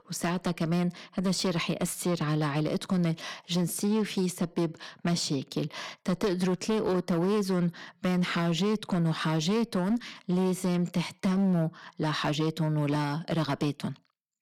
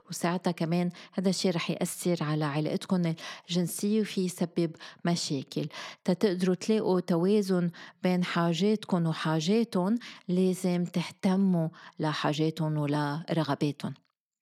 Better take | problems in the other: second | distortion; slight; 10% of the sound clipped

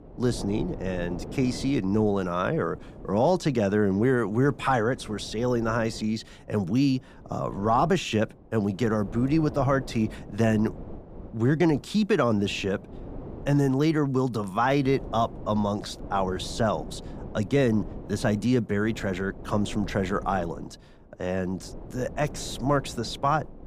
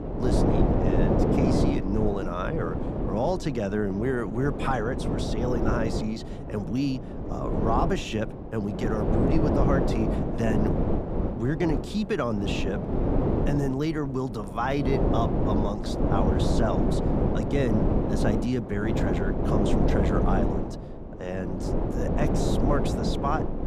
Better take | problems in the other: first | wind noise on the microphone; heavy; as loud as the speech; occasional gusts in the first

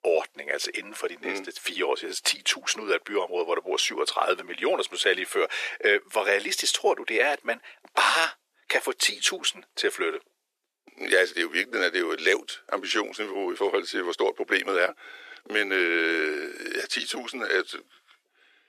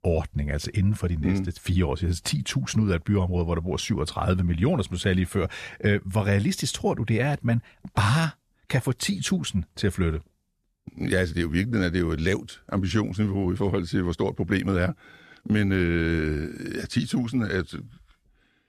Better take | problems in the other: second | thin; very; fading below 350 Hz

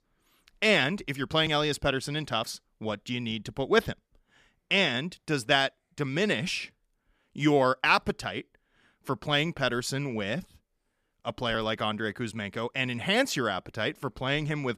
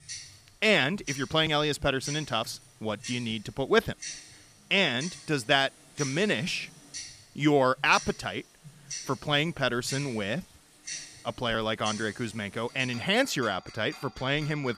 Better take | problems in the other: first | household noises; noticeable; throughout; 15 dB below the speech

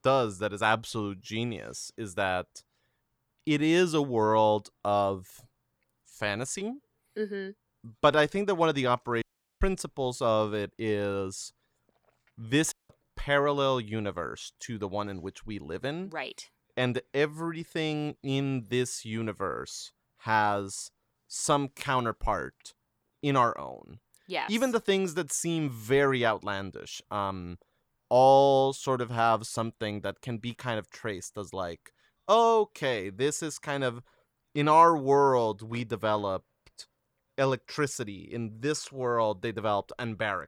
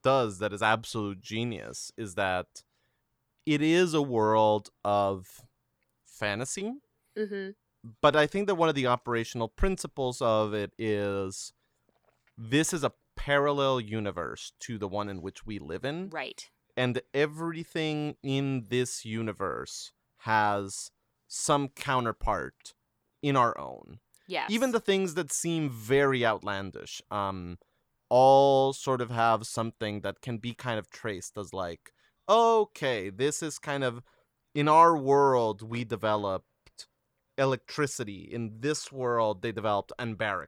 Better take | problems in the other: second | audio cutting out; at 9 s and at 13 s

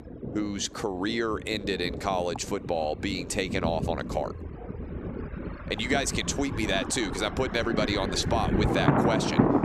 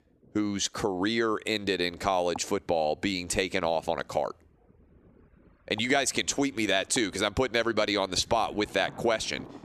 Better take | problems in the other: second | rain or running water; loud; throughout; 2 dB below the speech; faint in the second

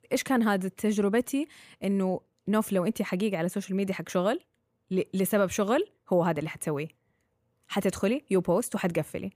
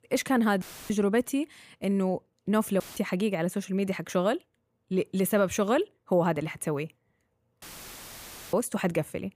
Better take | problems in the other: first | audio cutting out; filled with static; at 0.5 s, at 3 s and at 7.5 s for 1 s

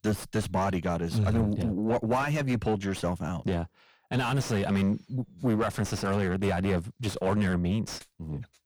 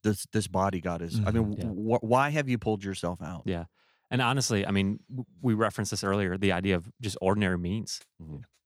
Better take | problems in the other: second | distortion; heavy; 5 dB below the speech

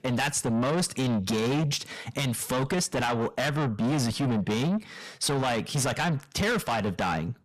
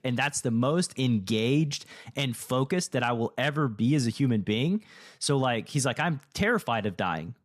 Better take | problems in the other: second | distortion; heavy; 6 dB below the speech

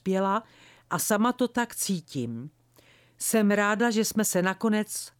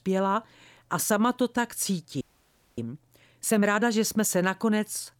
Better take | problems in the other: first | audio freezing; at 2 s for 0.5 s

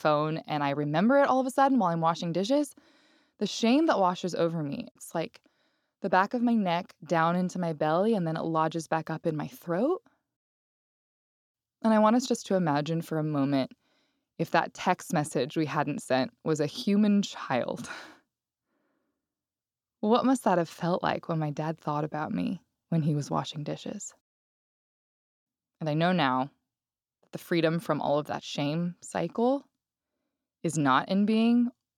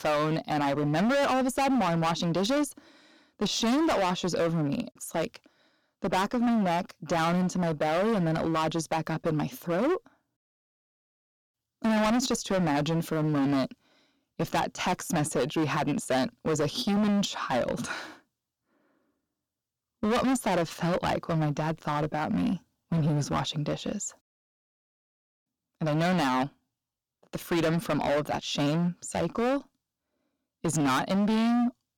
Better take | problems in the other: first | distortion; heavy; 18% of the sound clipped

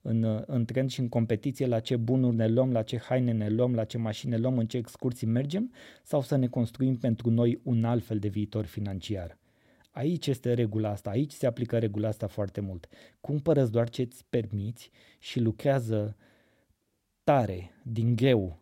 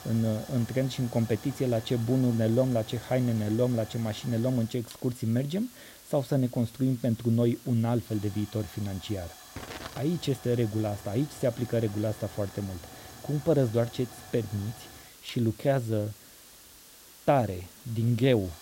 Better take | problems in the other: first | hiss; noticeable; throughout; 15 dB below the speech

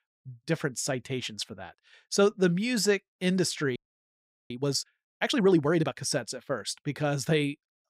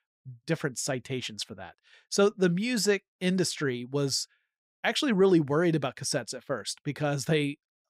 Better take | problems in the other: second | audio freezing; at 4 s for 0.5 s

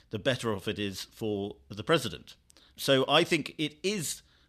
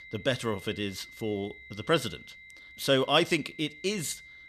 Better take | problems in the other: first | high-pitched whine; noticeable; throughout; 2 kHz, 20 dB below the speech

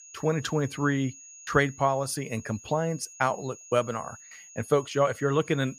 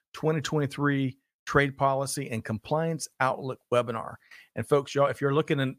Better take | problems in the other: second | high-pitched whine; noticeable; throughout; 6.5 kHz, 20 dB below the speech

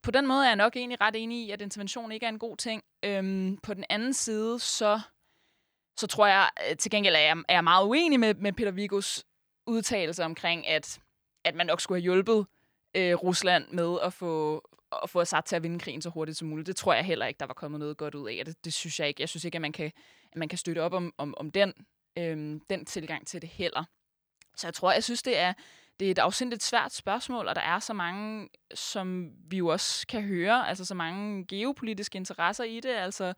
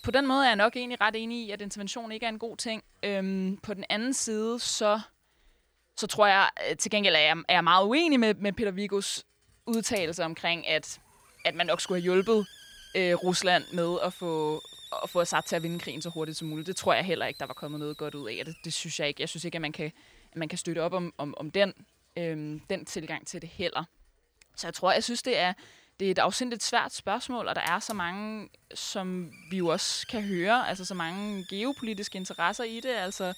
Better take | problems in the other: first | hiss; noticeable; throughout; 20 dB below the speech

